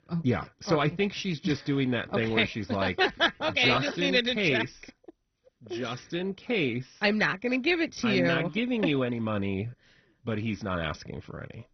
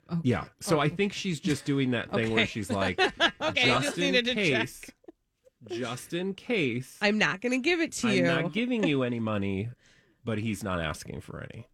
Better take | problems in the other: second | garbled, watery; badly; nothing above 6 kHz

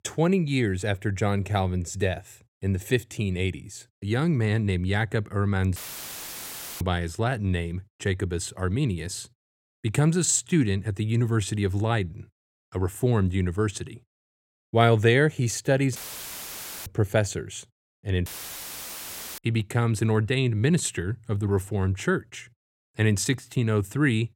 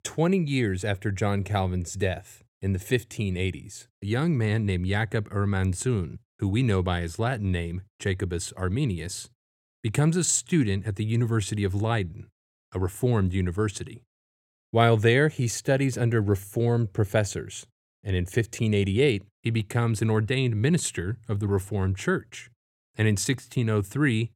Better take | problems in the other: second | audio cutting out; filled with static; at 6 s for 1 s, at 16 s for 1 s and at 18 s for 1 s

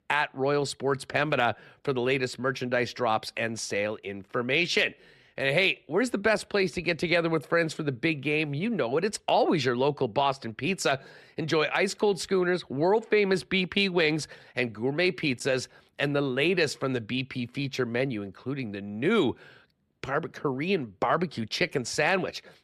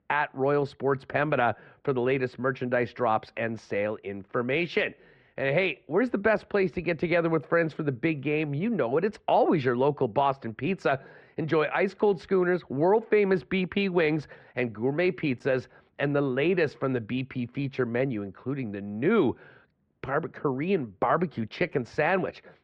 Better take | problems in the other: first | muffled; very; fading above 2 kHz

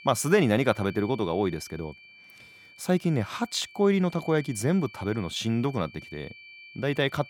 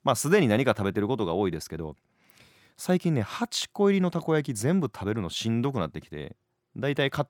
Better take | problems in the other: second | high-pitched whine; noticeable; throughout; 2.5 kHz, 20 dB below the speech

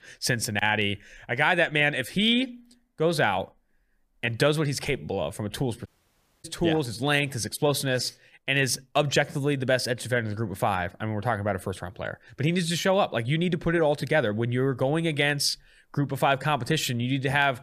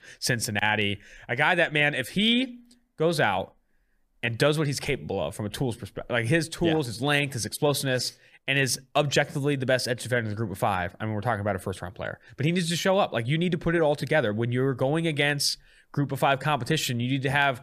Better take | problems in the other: second | audio cutting out; at 6 s for 0.5 s

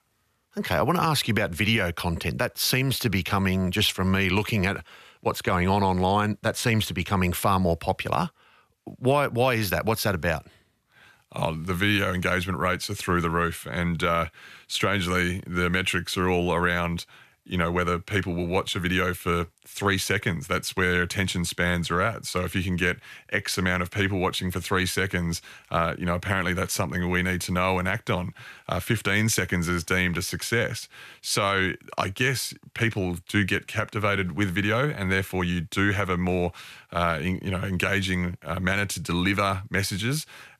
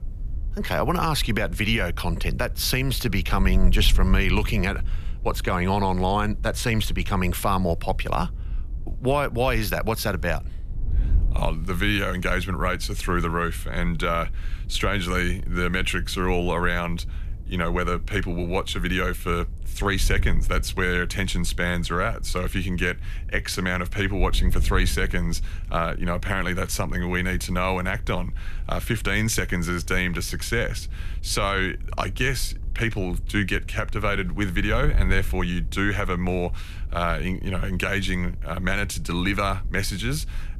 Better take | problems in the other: first | wind noise on the microphone; occasional gusts; 25 dB below the speech

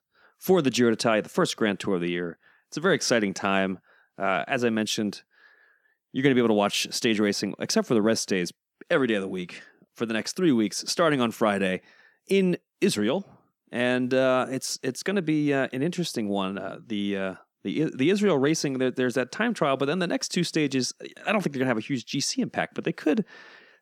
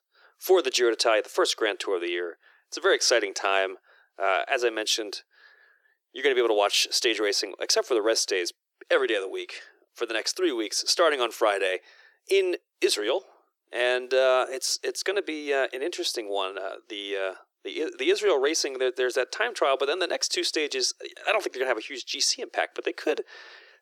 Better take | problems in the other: first | thin; very; fading below 350 Hz

